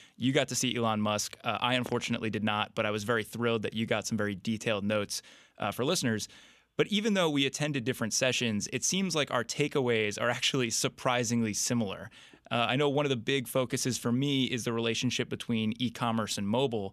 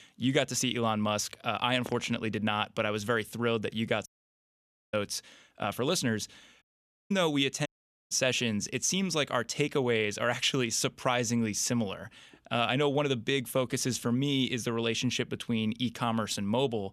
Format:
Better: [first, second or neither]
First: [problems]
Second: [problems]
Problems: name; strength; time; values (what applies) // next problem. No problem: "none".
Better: first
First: none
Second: audio cutting out; at 4 s for 1 s, at 6.5 s and at 7.5 s